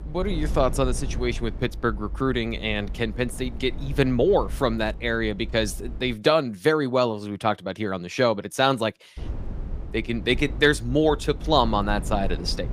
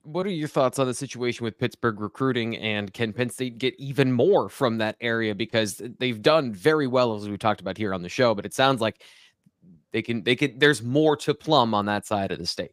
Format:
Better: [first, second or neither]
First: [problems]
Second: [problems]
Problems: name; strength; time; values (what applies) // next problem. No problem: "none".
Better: second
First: low rumble; faint; until 6 s and from 9 s on; 20 dB below the speech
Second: none